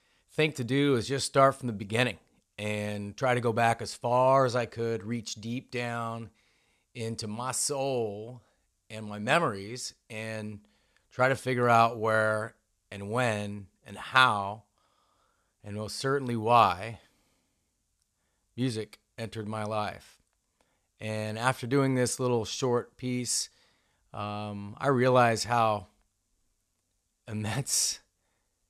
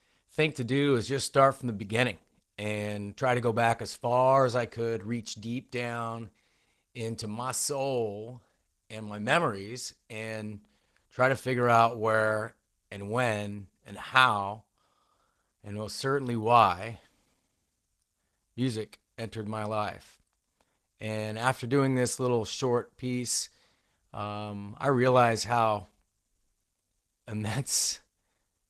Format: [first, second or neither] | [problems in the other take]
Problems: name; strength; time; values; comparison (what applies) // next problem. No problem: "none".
first | garbled, watery; slightly; nothing above 13.5 kHz